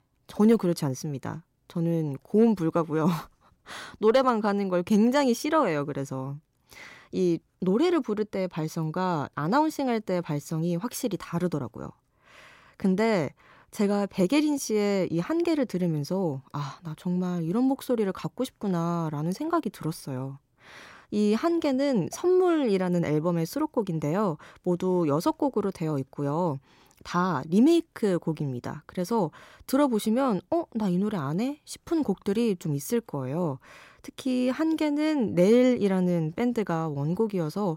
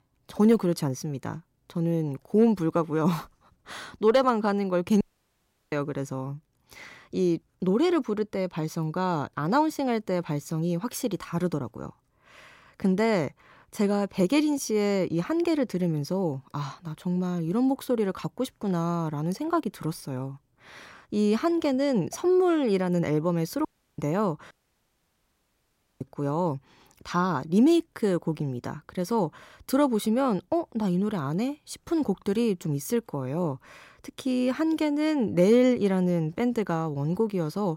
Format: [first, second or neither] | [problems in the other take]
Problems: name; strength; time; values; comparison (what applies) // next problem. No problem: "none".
first | audio cutting out; at 5 s for 0.5 s, at 24 s and at 25 s for 1.5 s